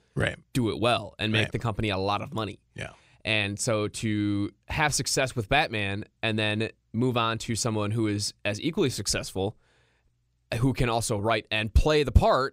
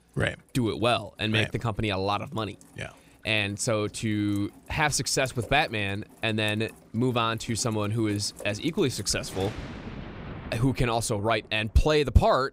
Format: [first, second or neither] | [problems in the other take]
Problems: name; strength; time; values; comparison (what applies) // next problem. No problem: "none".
first | rain or running water; noticeable; throughout; 20 dB below the speech